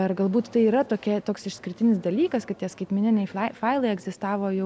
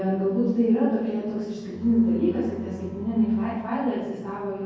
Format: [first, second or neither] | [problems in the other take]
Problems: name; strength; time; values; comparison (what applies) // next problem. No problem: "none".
first | background sound (Bowed string instrument); 18 dB below the speech // room echo; dies away in 1.3 s